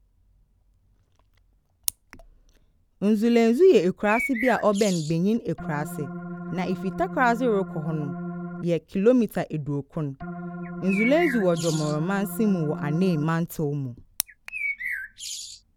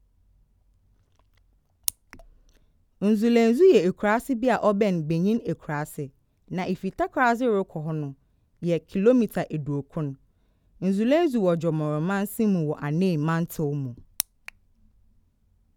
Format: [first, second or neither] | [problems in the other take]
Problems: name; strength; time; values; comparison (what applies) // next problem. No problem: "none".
second | background sound (Bird + Organ); 8 dB below the speech